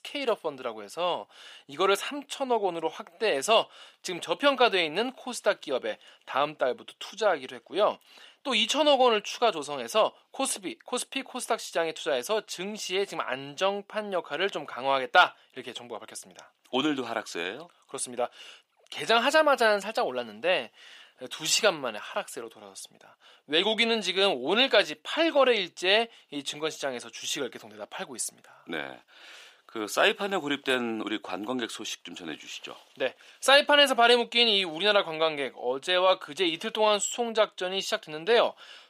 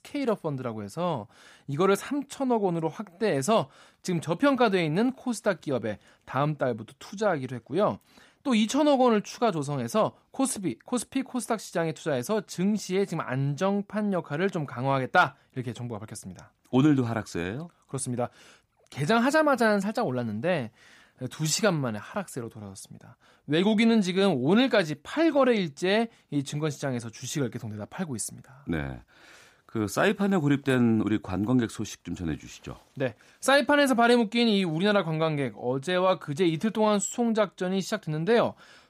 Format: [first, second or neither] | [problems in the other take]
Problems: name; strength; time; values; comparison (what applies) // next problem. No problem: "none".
second | thin; somewhat; fading below 500 Hz